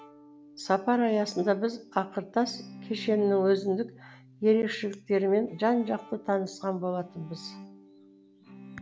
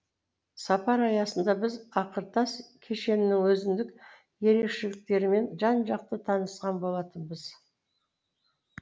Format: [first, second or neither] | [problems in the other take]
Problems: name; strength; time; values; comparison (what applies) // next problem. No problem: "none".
second | background sound (Bowed string instrument); 20 dB below the speech